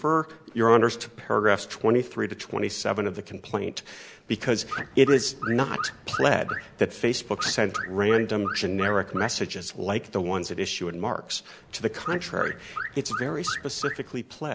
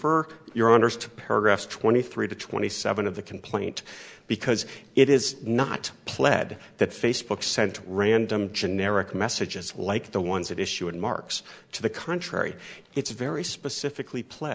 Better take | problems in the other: second | background sound (Alarm / Car); 9 dB below the speech

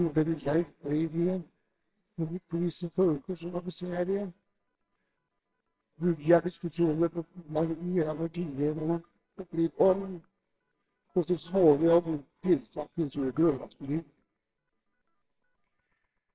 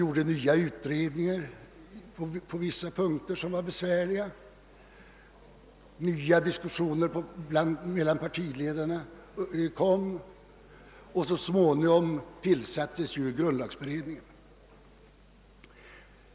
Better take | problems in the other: second | noise reduction (neural separator model SepFormer WHAMR!)

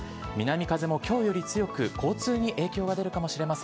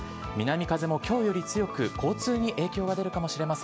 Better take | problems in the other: first | background sound (Wind instrument, woodwind instrument); 18 dB below the speech

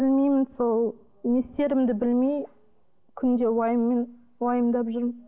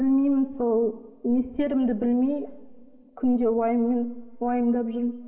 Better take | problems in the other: first | room echo; dies away in 2.4 s

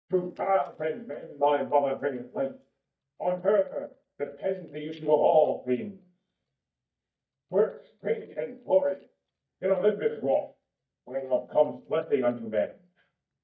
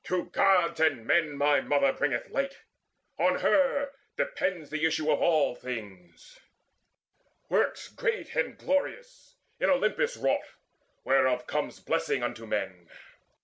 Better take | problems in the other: second | noise reduction (neural mask model DeepFilterNet 3)

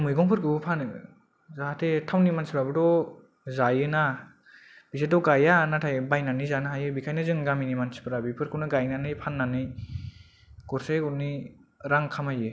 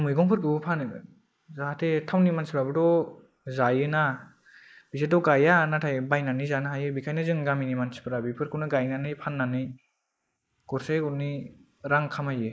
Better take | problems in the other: first | noise reduction (neural mask model Resemble Enhance denoiser)

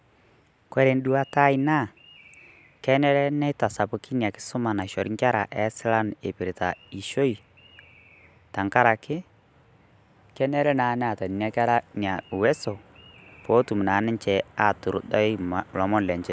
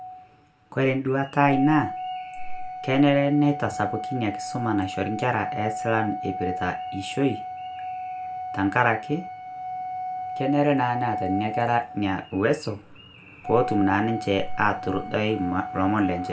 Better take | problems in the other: first | background sound (Organ); 7 dB below the speech // room echo; dies away in 0.2 s

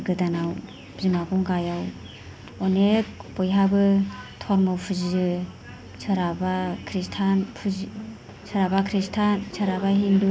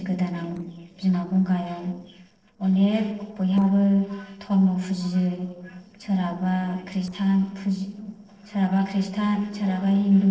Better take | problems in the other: first | noise reduction (neural separator model SepFormer DNS4)

